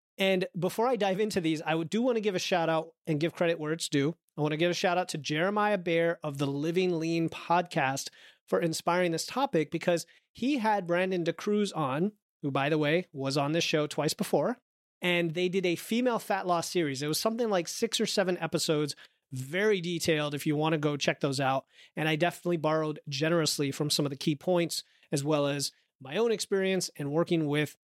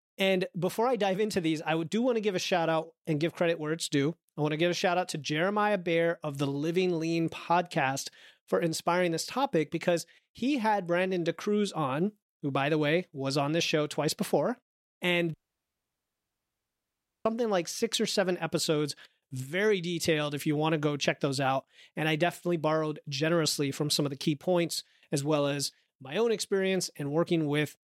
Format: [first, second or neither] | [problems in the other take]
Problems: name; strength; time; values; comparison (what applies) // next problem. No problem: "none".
first | audio cutting out; at 15 s for 2 s